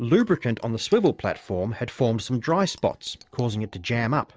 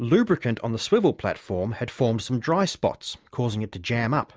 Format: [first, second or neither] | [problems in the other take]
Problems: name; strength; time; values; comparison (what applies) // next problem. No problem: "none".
second | noise reduction (neural separator model SepFormer DNS4)